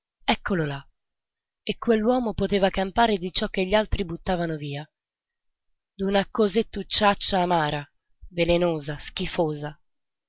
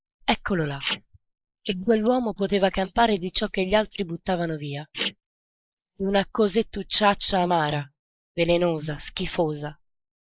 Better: first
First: none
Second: noise reduction (neural mask model Resemble Enhance denoiser)

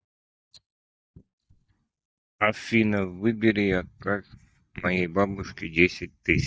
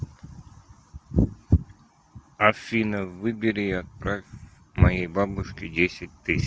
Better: second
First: noise reduction (neural mask model DeepFilterNet 3)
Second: none

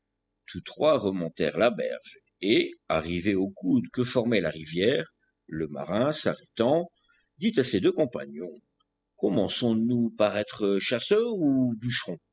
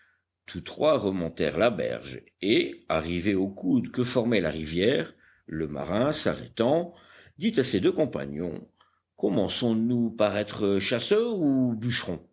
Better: second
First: noise reduction (classical method spectral subtraction)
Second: none

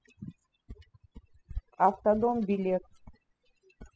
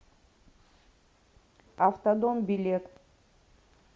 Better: second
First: noise reduction (classical method spectral subtraction)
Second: none

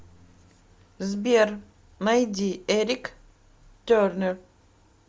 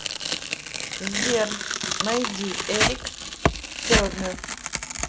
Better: first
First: none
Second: background sound (Tearing); 3 dB above the speech

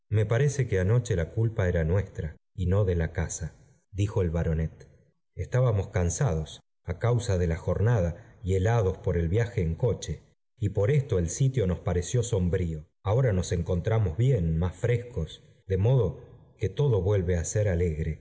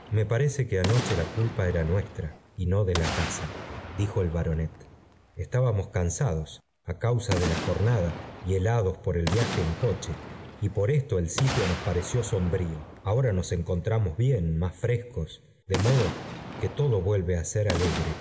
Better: first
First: none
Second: background sound (Boom); 10 dB below the speech

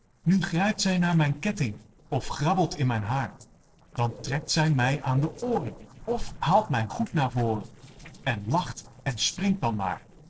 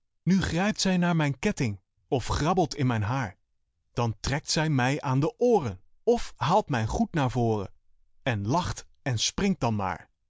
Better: second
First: noise reduction (neural separator model SepFormer DNS4)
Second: none

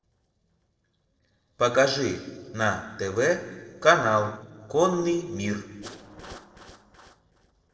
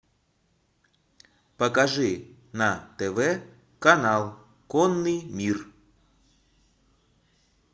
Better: second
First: noise reduction (neural separator model SepFormer DNS4)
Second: none

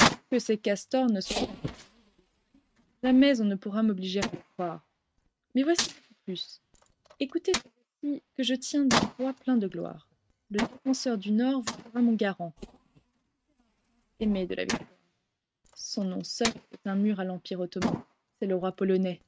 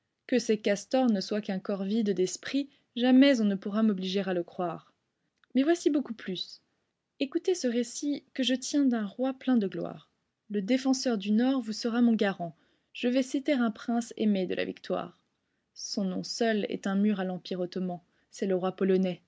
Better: second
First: noise reduction (neural mask model RNNoise)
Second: none

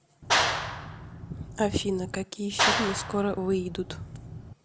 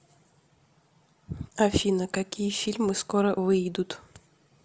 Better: second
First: background sound (Clapping); 1 dB above the speech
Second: none

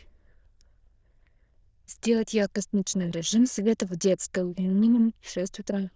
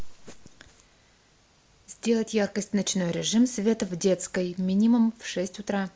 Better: second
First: noise reduction (neural diffusion model UNIVERSE++)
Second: none

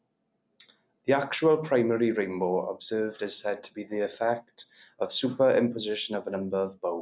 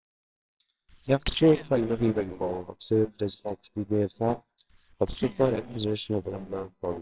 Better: first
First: none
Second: noise reduction (neural separator model SepFormer WHAMR!)

